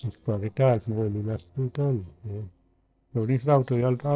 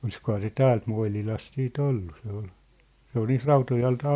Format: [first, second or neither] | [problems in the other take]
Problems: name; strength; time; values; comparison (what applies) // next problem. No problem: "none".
second | noise reduction (neural separator model SepFormer DNS4)